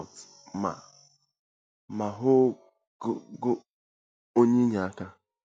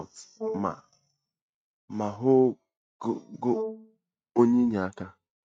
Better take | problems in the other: first | noise reduction (neural mask model RNNoise)

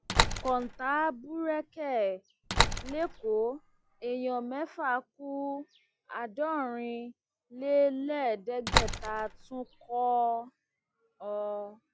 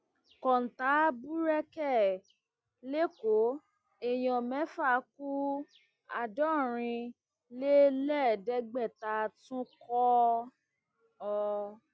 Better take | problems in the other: second | background sound (Slam); as loud as the speech

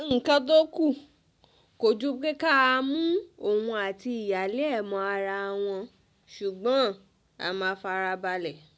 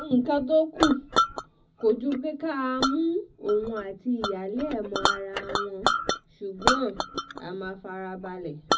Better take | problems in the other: first | background sound (Chink, clink); 2 dB below the speech // room echo; dies away in 0.4 s

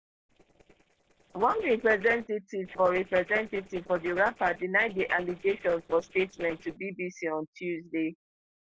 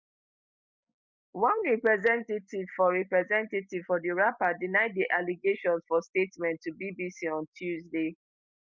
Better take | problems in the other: second | noise reduction (neural separator model SepFormer DNS4)

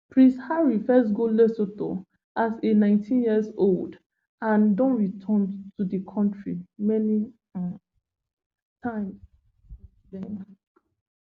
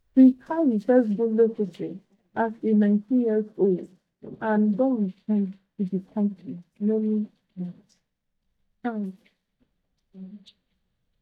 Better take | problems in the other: first | noise reduction (neural mask model DeepFilterNet 3)

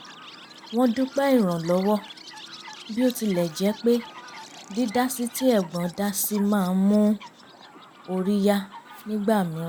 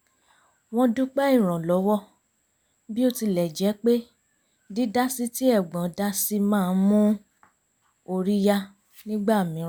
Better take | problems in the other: second | background sound (Chirp, tweet); 18 dB below the speech

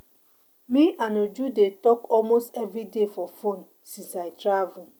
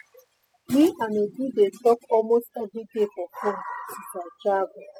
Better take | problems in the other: first | noise reduction (classical method spectral subtraction)

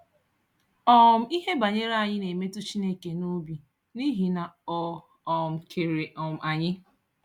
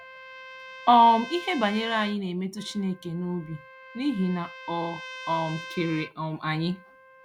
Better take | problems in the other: first | background sound (Trumpet); 16 dB below the speech

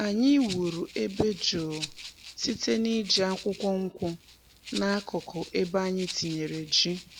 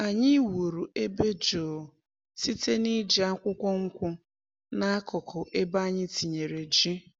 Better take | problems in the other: second | background sound (Rattle (instrument)); 16 dB below the speech

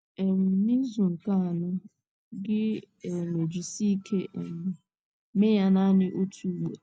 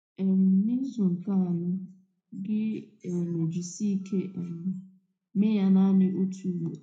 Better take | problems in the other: first | room echo; dies away in 0.3 s

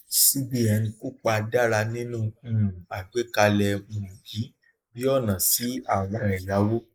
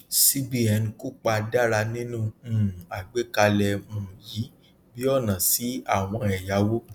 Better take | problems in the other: second | noise reduction (neural mask model Resemble Enhance denoiser)

